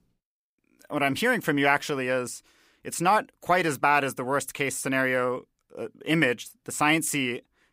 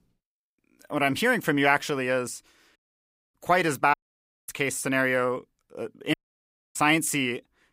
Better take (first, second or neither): first